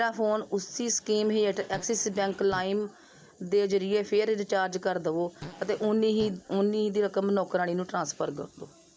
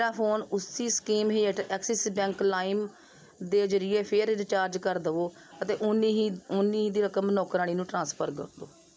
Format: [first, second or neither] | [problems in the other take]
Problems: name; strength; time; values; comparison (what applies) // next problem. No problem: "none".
second | background sound (Fart); 17 dB below the speech